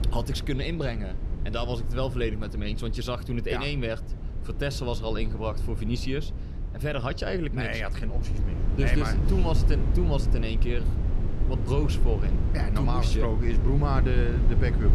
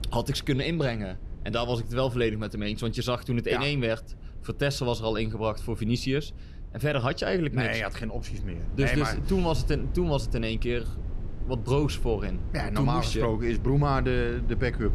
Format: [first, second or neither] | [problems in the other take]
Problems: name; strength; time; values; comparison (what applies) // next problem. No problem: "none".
second | low rumble; loud; throughout; 9 dB below the speech; faint in the second